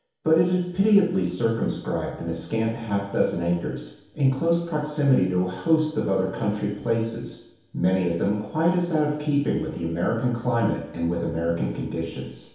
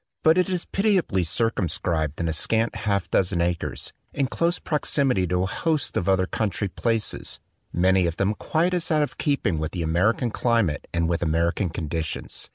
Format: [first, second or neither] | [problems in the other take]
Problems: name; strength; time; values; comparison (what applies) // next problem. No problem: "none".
second | room echo; dies away in 2.2 s